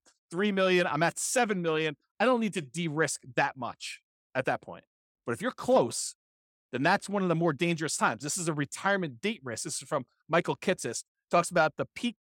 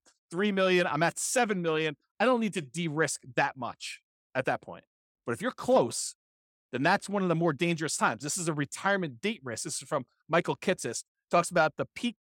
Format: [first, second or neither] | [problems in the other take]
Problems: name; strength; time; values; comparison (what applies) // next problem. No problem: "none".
neither | none